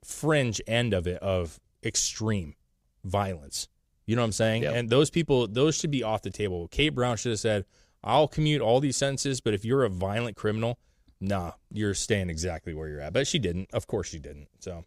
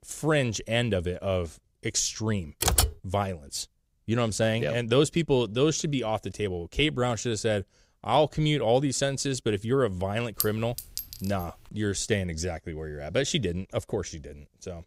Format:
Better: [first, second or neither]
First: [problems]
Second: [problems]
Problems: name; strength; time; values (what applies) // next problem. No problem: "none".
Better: first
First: none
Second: keyboard typing; loud; at 2.5 s; peak 4 dB above the speech // clattering dishes; noticeable; at 10 s; peak 3 dB below the speech